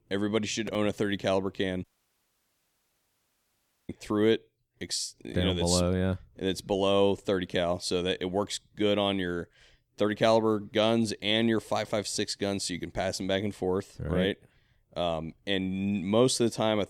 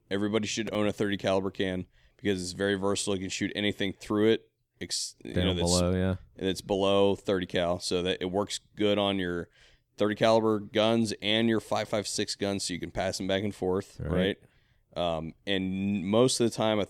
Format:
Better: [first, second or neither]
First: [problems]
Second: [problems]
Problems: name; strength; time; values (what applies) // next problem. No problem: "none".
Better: second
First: audio cutting out; at 2 s for 2 s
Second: none